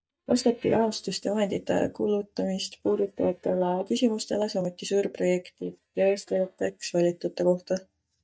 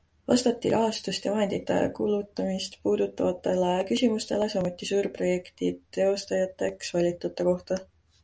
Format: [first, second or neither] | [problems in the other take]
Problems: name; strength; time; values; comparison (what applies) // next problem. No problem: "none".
second | noise reduction (neural mask model DeepFilterNet 3)